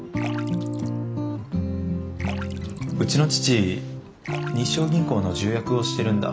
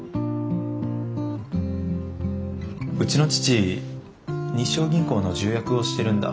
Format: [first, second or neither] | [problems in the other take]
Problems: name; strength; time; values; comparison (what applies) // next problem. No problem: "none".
second | background sound (Splash, splatter); 20 dB below the speech